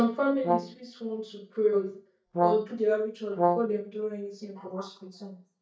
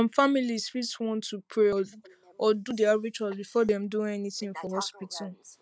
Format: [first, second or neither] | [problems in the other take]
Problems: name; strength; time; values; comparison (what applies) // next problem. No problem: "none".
second | noise reduction (neural mask model DeepFilterNet 3)